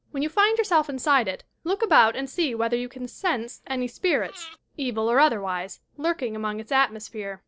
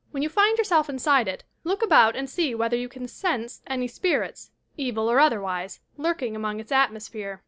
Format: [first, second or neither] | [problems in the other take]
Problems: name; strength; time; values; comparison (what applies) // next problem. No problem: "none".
second | noise reduction (neural separator model SepFormer DNS4)